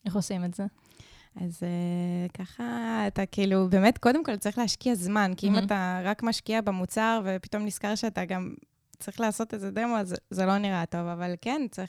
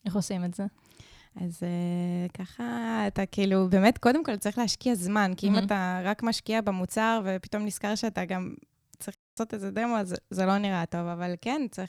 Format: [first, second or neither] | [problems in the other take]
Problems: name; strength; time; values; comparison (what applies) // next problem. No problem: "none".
first | audio cutting out; at 9 s